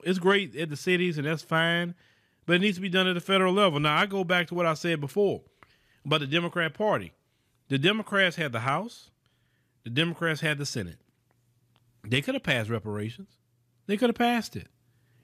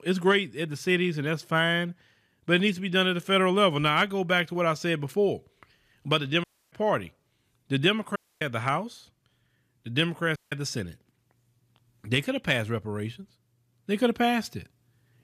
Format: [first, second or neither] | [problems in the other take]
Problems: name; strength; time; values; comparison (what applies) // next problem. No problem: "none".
first | audio cutting out; at 6.5 s, at 8 s and at 10 s